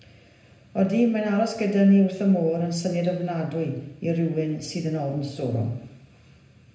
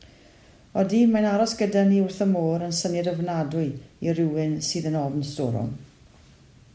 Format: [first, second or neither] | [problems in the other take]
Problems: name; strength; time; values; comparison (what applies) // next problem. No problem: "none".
second | room echo; dies away in 0.8 s